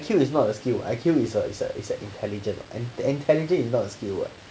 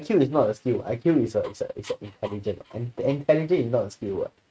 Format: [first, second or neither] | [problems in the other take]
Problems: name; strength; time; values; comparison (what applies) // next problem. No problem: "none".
first | noise reduction (neural mask model RNNoise)